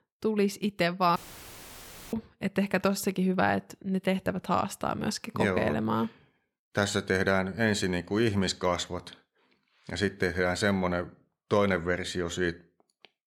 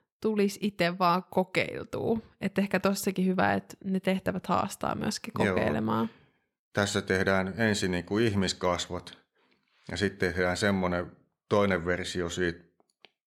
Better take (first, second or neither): second